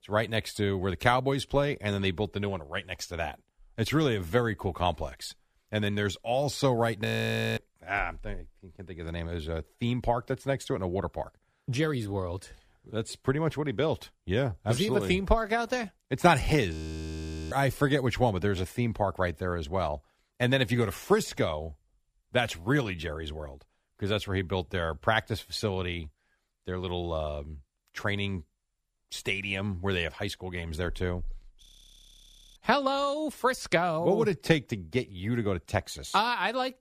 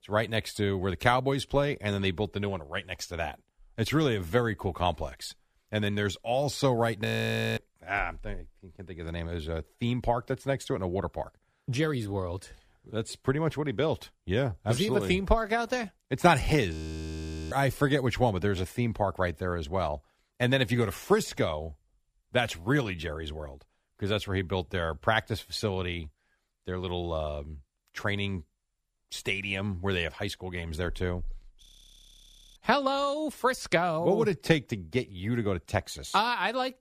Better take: neither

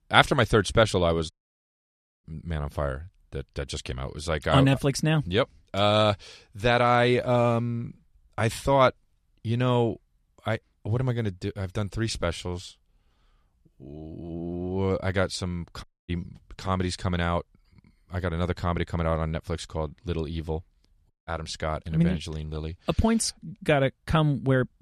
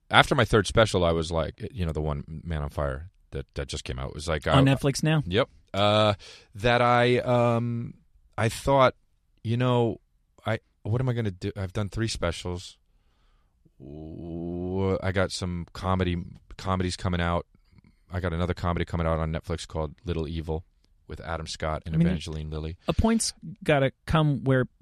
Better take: second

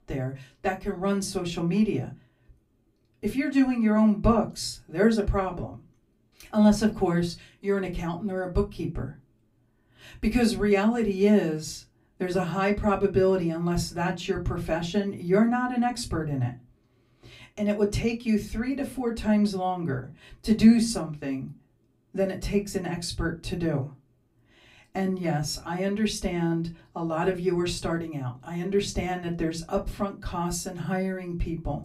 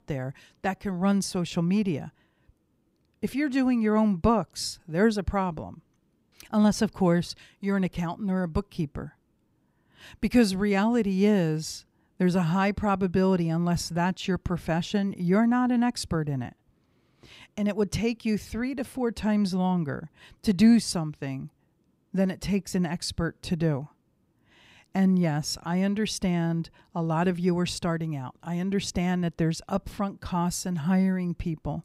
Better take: second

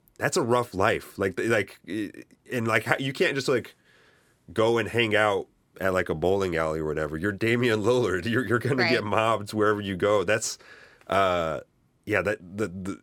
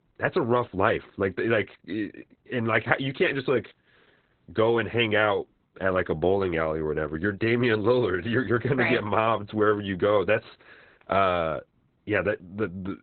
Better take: first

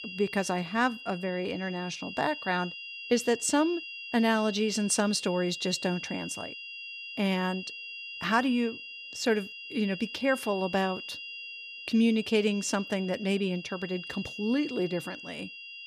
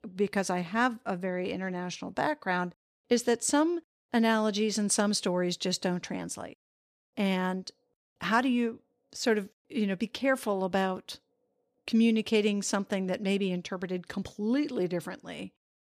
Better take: second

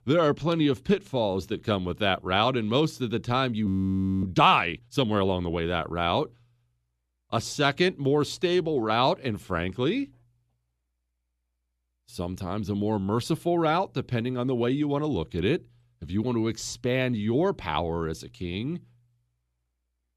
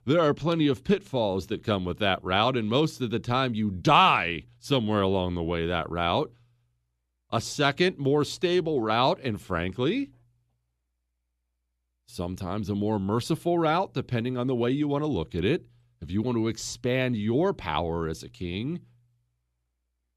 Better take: second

